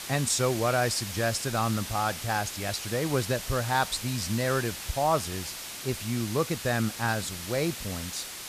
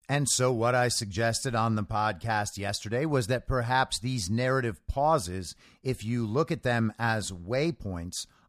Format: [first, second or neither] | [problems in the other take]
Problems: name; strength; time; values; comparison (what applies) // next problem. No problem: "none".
second | hiss; loud; throughout; 7 dB below the speech